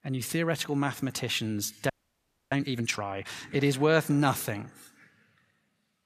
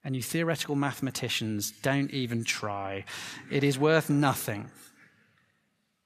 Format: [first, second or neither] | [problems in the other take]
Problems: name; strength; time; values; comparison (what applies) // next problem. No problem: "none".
second | audio freezing; at 2 s for 0.5 s